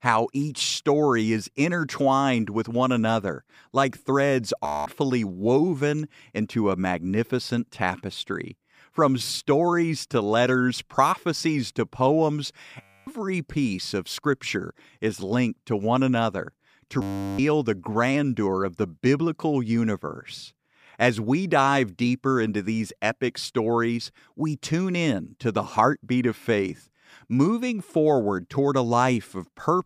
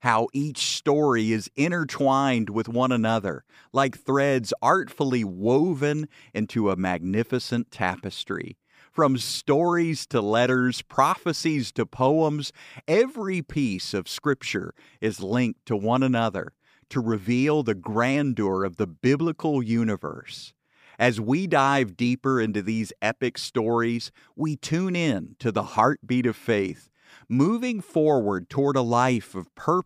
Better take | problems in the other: second | audio freezing; at 4.5 s, at 13 s and at 17 s

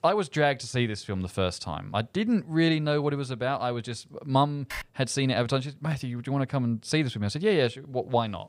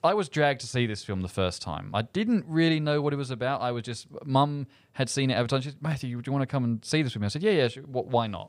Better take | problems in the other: second | keyboard typing; faint; at 4.5 s; peak 10 dB below the speech

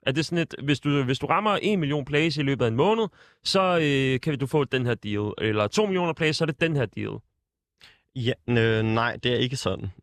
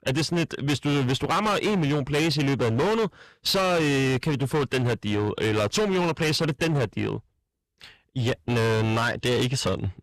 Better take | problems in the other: first | distortion; heavy; 24% of the sound clipped

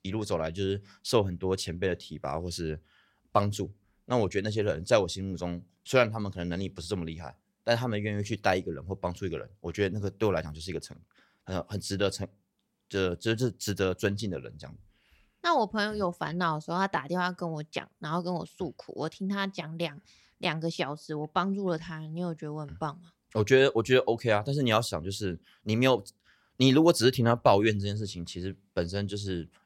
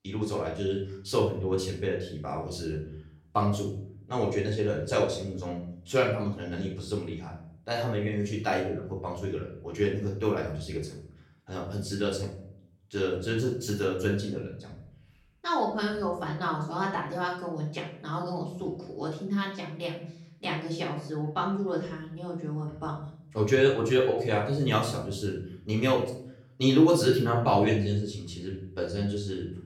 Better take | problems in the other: first | room echo; noticeable; dies away in 0.6 s // off-mic speech; far

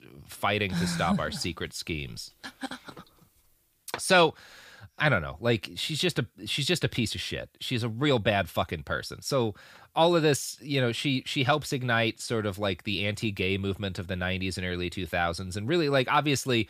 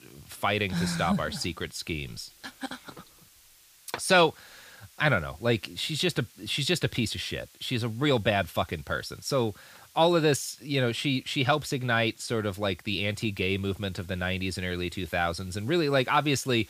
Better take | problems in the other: first | hiss; faint; throughout; 25 dB below the speech

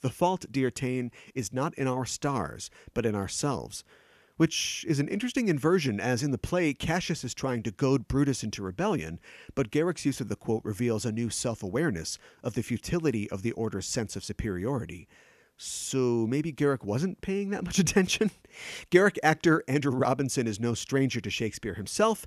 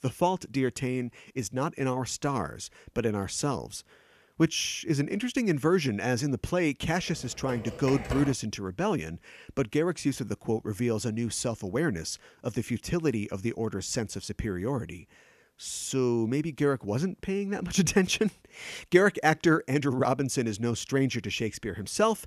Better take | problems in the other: first | keyboard typing; noticeable; from 7 to 8.5 s; peak 7 dB below the speech

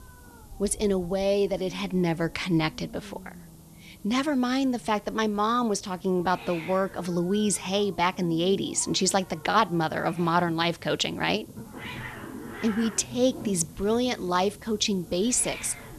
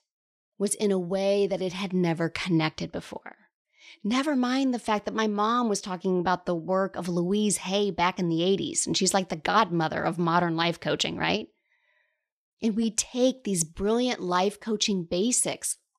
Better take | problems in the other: second | hiss; noticeable; throughout; 15 dB below the speech

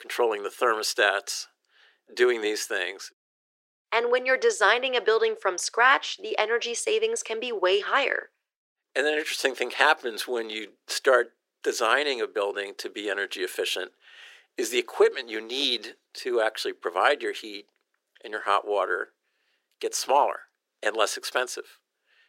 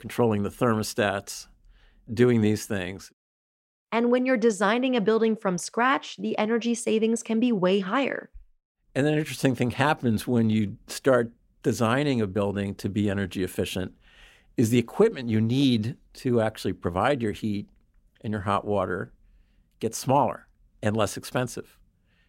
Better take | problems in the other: second | thin; very; fading below 350 Hz

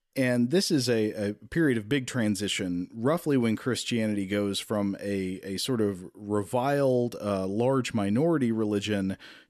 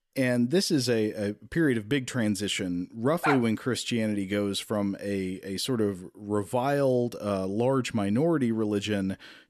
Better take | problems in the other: first | dog barking; noticeable; at 3 s; peak 2 dB below the speech

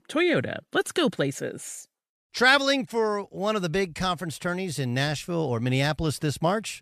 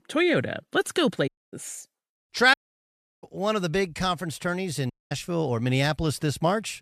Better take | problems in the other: first | audio cutting out; at 1.5 s, at 2.5 s for 0.5 s and at 5 s

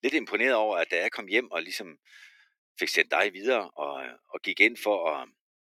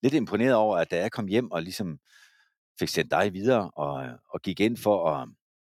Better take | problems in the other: second | thin; somewhat; fading below 350 Hz

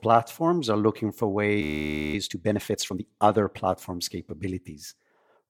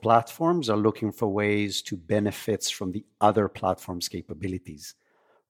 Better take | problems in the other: second | audio freezing; at 1.5 s for 0.5 s

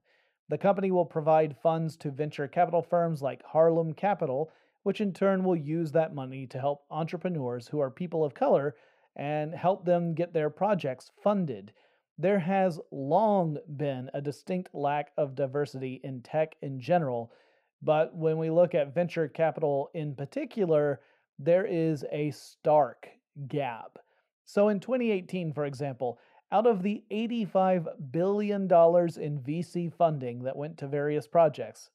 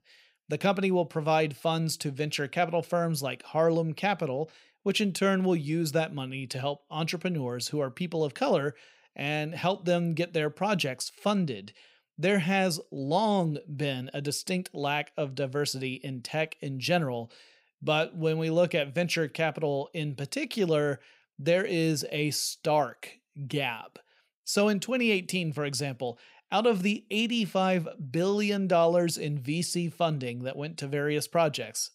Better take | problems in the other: second | muffled; very; fading above 2.5 kHz

